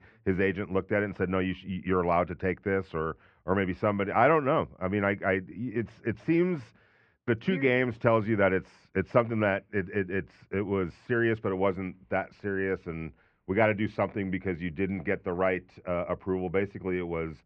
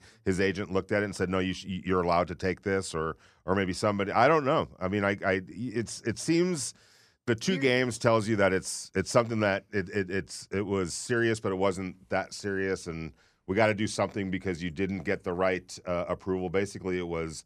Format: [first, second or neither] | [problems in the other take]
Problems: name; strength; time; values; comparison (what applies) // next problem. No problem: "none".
second | muffled; very; fading above 2.5 kHz